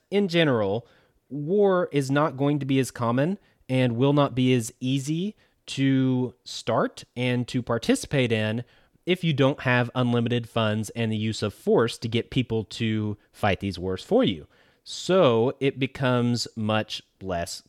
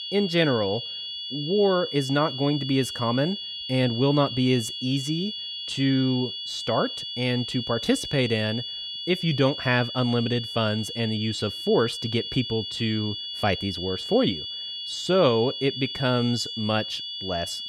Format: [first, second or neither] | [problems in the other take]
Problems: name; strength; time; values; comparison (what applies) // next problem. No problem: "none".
first | high-pitched whine; loud; throughout; 3.5 kHz, 6 dB below the speech